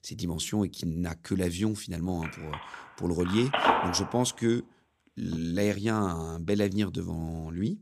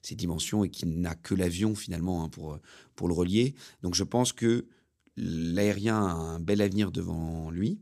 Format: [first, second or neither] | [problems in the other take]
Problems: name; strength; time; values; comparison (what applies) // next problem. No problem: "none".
second | phone ringing; loud; from 2.5 to 5.5 s; peak 6 dB above the speech